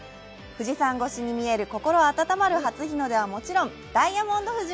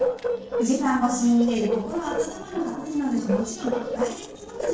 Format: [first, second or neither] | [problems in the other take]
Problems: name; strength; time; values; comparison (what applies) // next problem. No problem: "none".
first | noise reduction (neural separator model SepFormer DNS4)